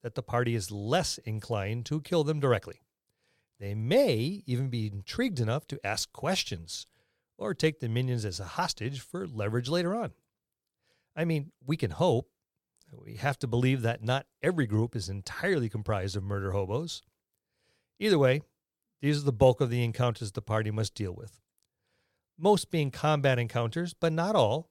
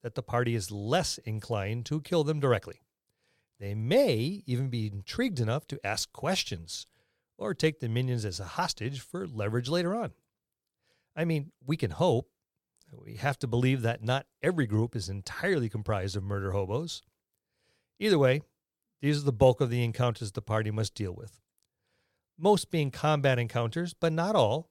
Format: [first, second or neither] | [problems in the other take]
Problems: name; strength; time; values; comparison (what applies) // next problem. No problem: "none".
neither | none